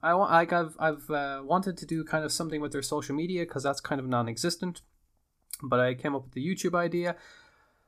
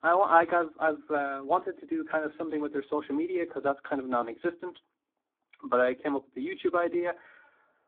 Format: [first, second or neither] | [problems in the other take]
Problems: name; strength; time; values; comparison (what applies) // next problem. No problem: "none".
first | phone-call audio; poor line